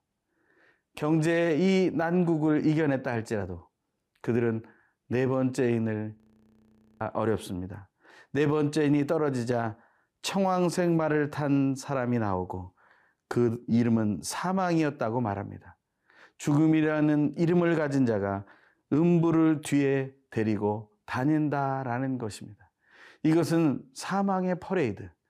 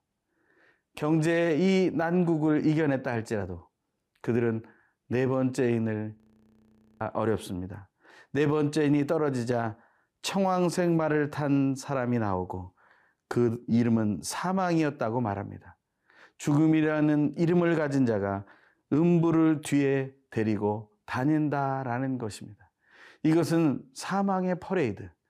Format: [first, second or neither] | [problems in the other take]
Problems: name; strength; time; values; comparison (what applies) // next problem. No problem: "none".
neither | audio freezing; at 6 s for 1 s; the same in both